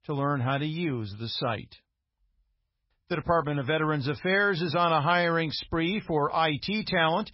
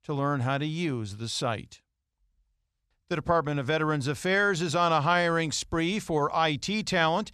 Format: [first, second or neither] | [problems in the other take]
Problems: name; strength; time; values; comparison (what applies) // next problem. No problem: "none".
second | garbled, watery; badly; nothing above 5.5 kHz